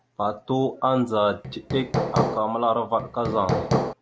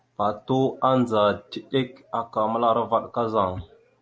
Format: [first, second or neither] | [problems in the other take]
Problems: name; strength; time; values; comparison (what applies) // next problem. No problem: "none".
second | background sound (Hammer); 1 dB below the speech